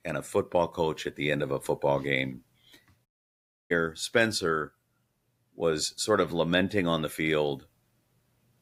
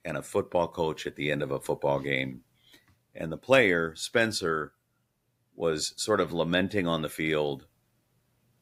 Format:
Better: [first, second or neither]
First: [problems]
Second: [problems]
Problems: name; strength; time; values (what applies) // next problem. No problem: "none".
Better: second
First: audio cutting out; at 3 s for 0.5 s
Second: none